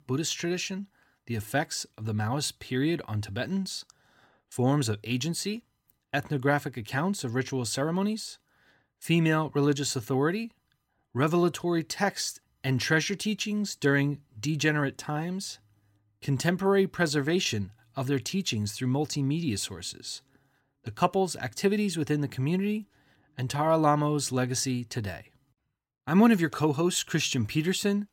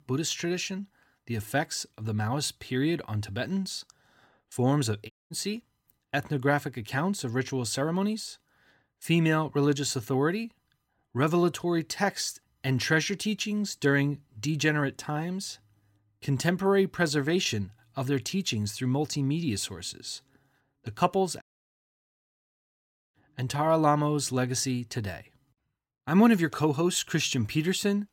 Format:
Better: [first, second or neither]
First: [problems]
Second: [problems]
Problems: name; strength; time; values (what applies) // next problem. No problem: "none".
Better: first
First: none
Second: audio cutting out; at 5 s and at 21 s for 1.5 s